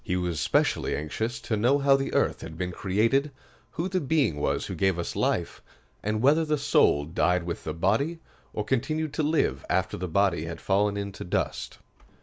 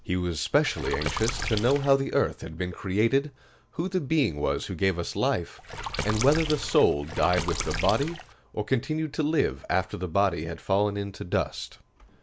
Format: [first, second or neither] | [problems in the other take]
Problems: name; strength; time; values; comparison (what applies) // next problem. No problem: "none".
first | background sound (Water / Splash, splatter); 6 dB below the speech